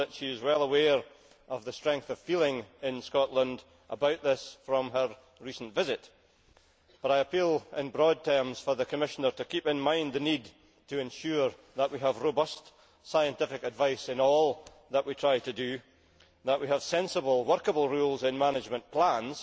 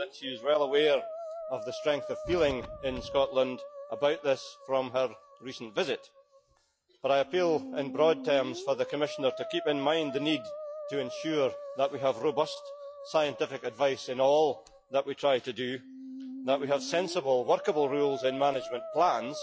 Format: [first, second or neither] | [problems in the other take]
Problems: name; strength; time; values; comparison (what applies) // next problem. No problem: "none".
first | noise reduction (classical method log-MMSE)